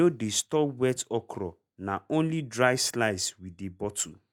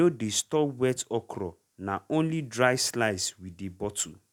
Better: second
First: noise reduction (neural mask model DeepFilterNet 3)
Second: none

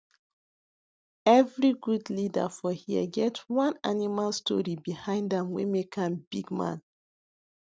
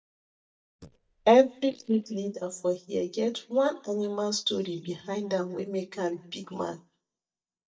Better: first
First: none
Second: noise reduction (neural mask model DeepFilterNet 3)

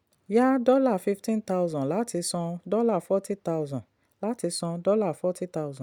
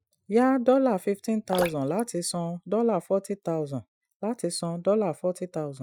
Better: first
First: none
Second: noise reduction (classical method Wiener filter)

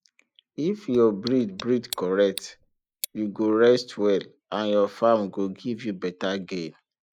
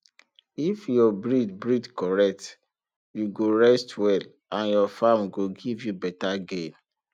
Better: second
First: noise reduction (neural mask model Resemble Enhance denoiser)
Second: none

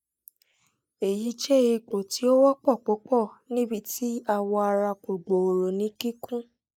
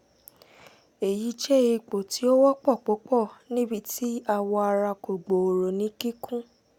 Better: second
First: noise reduction (neural mask model Resemble Enhance denoiser)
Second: none

